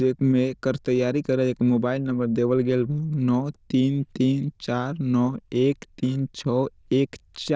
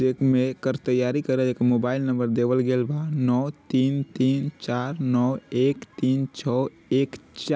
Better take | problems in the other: second | noise reduction (neural diffusion model UNIVERSE++)

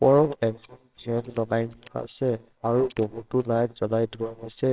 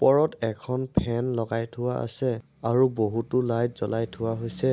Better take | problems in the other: second | noise reduction (neural separator model SepFormer WHAMR!)

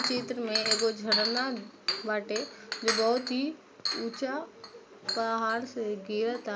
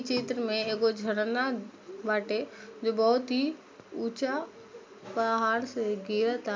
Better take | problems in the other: second | background sound (Chink, clink); 3 dB below the speech

